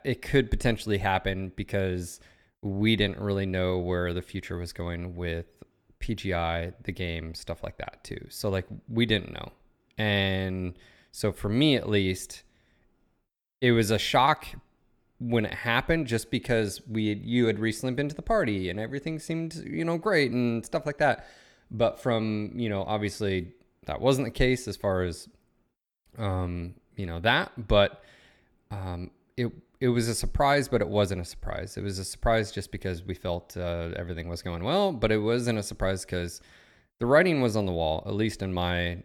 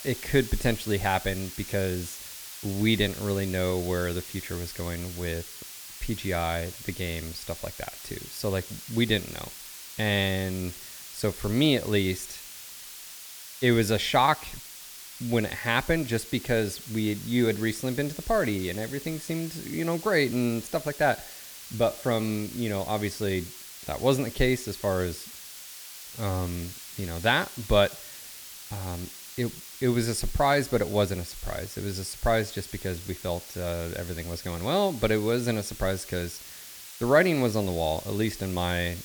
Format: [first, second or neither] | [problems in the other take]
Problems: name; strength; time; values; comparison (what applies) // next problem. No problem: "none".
first | hiss; noticeable; throughout; 10 dB below the speech